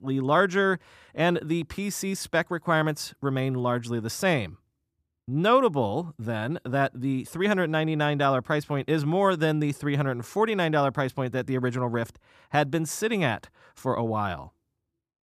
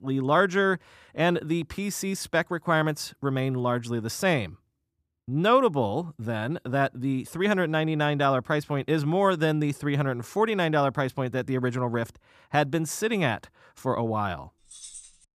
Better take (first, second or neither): first